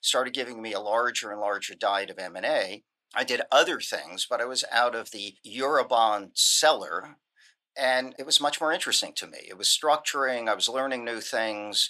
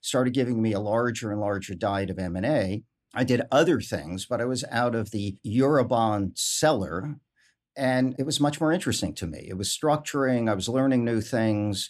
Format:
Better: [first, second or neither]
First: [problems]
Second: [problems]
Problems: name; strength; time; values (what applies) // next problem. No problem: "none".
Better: second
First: thin; very; fading below 800 Hz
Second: none